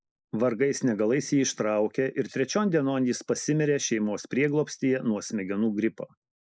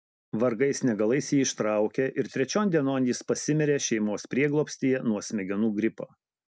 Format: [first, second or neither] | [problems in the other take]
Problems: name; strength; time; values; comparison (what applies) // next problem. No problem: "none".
second | noise reduction (neural mask model Resemble Enhance denoiser)